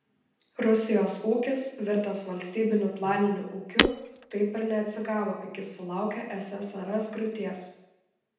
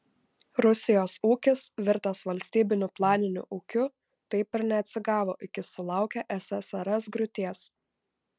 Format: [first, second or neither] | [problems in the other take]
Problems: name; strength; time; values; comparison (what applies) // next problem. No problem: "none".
second | background sound (Shatter); 1 dB below the speech // room echo; dies away in 0.9 s